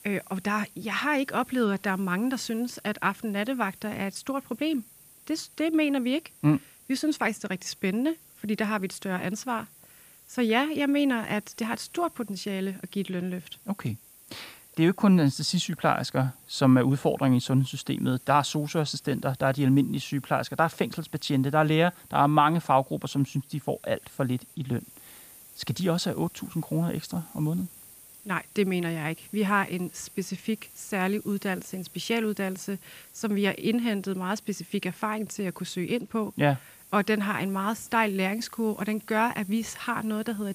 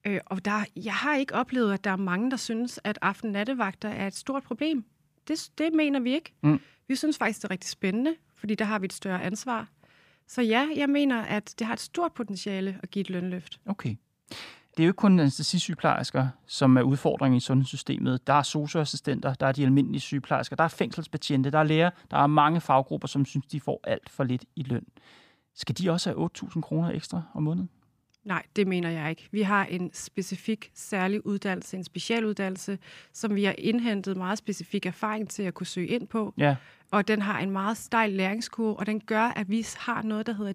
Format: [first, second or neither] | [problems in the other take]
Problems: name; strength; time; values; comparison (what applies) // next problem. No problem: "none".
second | hiss; faint; throughout; 20 dB below the speech